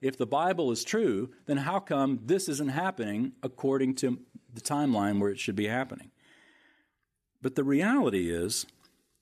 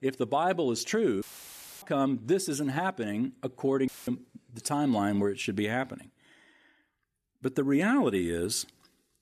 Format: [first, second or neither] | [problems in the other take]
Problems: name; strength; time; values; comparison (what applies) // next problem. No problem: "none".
first | audio cutting out; filled with static; at 1 s for 0.5 s and at 4 s